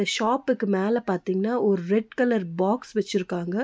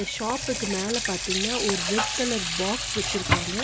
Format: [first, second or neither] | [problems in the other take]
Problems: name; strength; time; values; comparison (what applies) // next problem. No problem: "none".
first | background sound (Sink (filling or washing) / Water tap, faucet); 1 dB above the speech